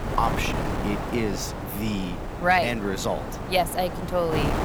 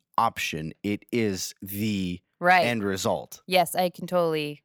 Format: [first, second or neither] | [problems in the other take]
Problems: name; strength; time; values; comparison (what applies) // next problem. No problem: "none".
second | wind noise on the microphone; heavy; 7 dB below the speech